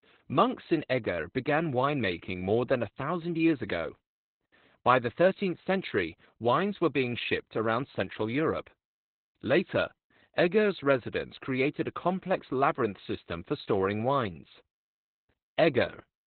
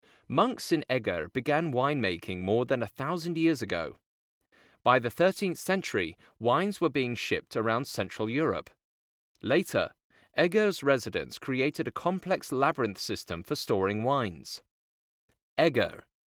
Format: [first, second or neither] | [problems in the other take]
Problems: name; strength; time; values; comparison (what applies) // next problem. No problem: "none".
second | garbled, watery; badly; nothing above 4 kHz; slightly in the second